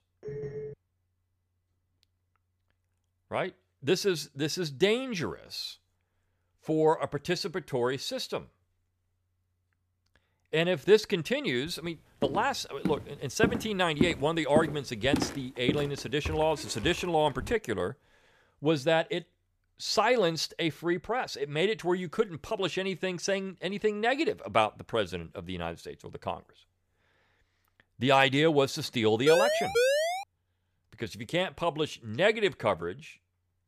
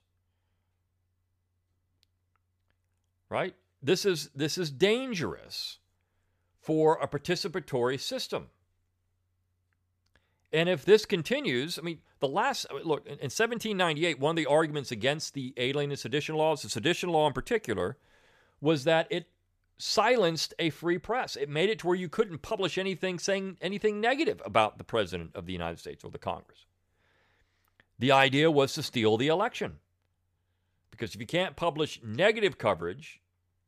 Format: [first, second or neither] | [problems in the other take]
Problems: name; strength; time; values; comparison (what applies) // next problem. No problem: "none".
second | phone ringing; noticeable; at the start; peak 9 dB below the speech // footsteps; noticeable; from 12 to 17 s; peak 2 dB below the speech // siren; loud; at 29 s; peak 4 dB above the speech